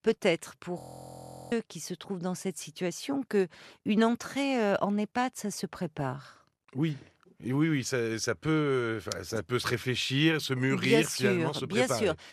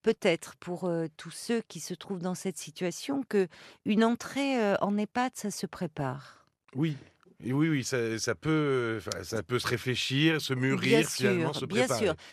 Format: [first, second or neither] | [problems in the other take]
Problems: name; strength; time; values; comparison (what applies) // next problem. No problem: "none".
second | audio freezing; at 1 s for 0.5 s